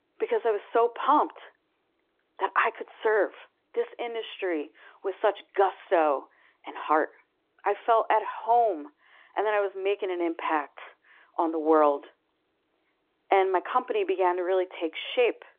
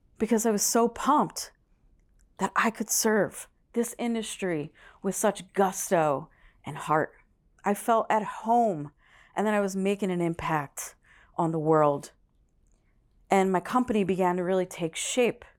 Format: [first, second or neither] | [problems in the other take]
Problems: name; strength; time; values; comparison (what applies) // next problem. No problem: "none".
second | phone-call audio; nothing above 3.5 kHz